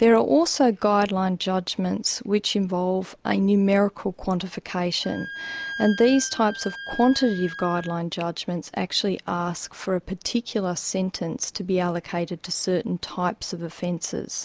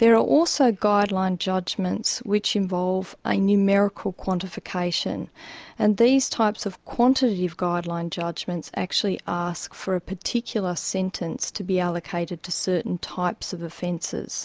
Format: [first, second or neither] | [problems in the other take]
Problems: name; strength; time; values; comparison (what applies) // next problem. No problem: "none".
second | background sound (Wind instrument, woodwind instrument); 12 dB below the speech